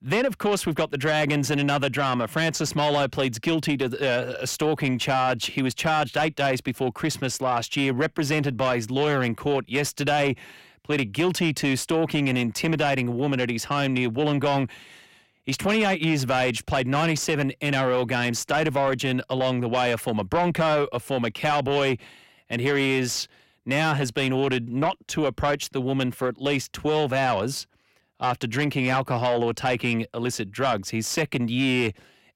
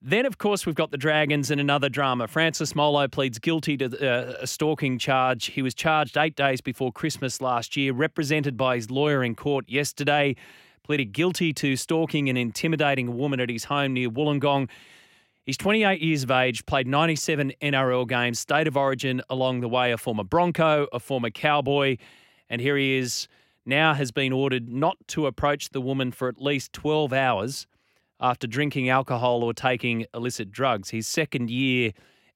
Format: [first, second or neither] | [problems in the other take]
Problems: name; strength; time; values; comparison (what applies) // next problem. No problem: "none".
second | distortion; slight; 10 dB below the speech